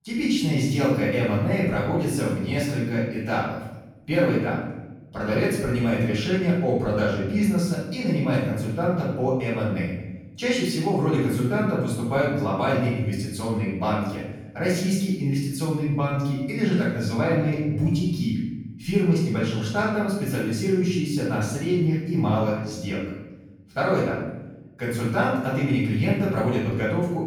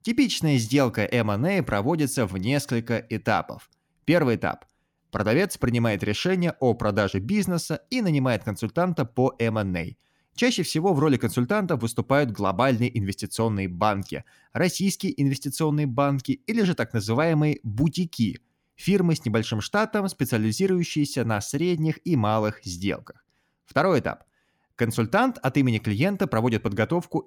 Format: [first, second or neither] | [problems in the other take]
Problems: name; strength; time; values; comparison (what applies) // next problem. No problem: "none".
second | off-mic speech; far // room echo; noticeable; dies away in 0.9 s